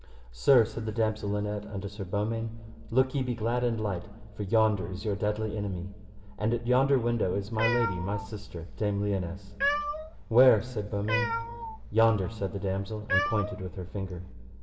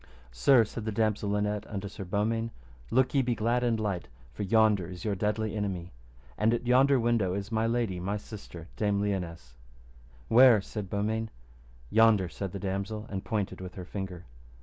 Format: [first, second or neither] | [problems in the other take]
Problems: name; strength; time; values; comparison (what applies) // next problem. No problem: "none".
second | background sound (Cat); 7 dB below the speech // room echo; dies away in 1.5 s